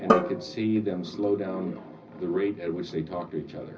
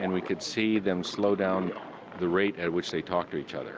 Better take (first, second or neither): second